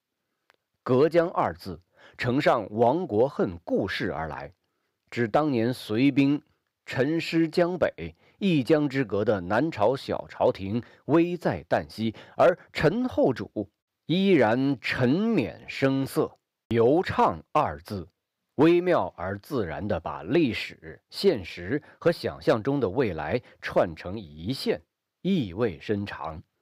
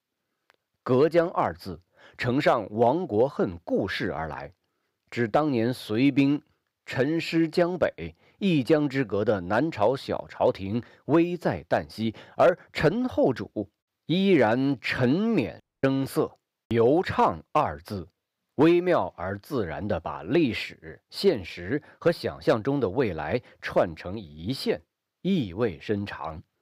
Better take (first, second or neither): first